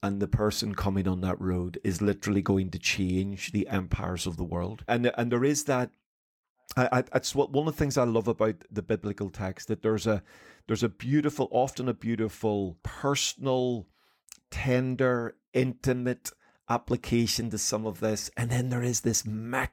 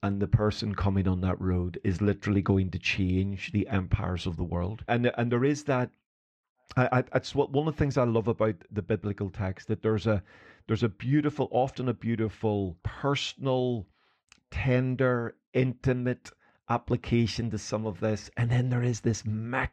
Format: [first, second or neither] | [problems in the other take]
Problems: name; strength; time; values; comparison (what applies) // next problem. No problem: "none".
first | muffled; slightly; fading above 3 kHz